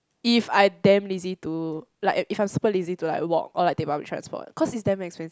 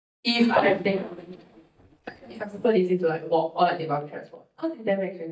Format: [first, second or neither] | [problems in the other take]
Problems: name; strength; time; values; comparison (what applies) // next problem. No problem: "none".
first | noise reduction (neural mask model DeepFilterNet 3)